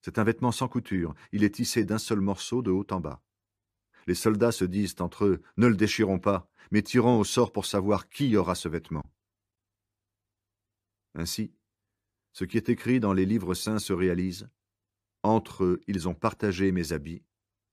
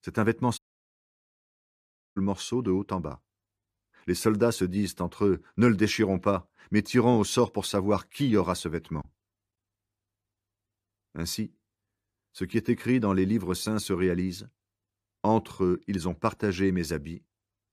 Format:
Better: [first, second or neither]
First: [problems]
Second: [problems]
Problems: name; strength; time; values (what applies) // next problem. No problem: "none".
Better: first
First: none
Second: audio cutting out; at 0.5 s for 1.5 s